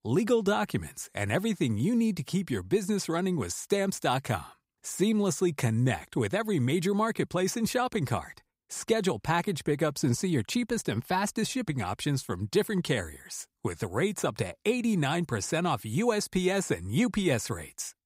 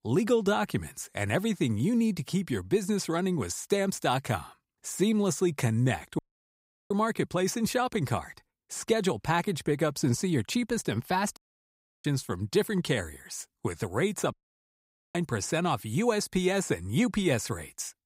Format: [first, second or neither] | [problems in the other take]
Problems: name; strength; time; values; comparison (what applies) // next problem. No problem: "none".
first | audio cutting out; at 6 s for 0.5 s, at 11 s for 0.5 s and at 14 s for 1 s